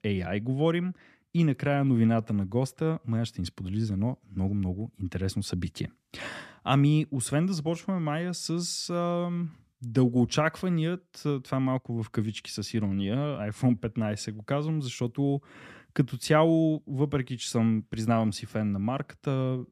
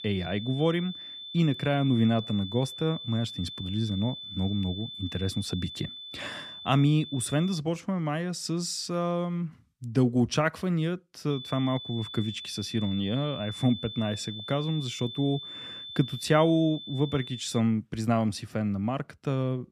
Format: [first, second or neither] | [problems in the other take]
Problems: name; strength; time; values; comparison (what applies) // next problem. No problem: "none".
first | high-pitched whine; loud; until 7.5 s and from 11 to 18 s; 3.5 kHz, 10 dB below the speech